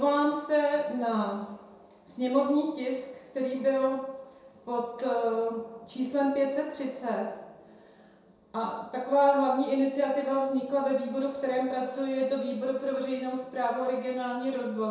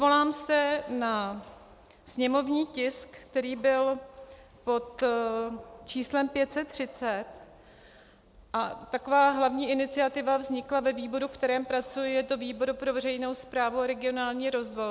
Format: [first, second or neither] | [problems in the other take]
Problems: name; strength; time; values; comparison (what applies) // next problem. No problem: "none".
second | room echo; dies away in 0.7 s